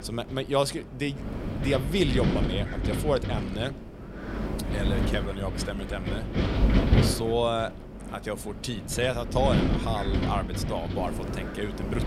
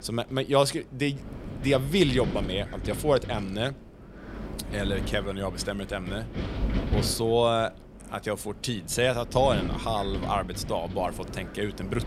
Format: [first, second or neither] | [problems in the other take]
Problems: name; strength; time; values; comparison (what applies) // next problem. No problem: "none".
second | wind noise on the microphone; heavy; 4 dB below the speech; occasional gusts in the second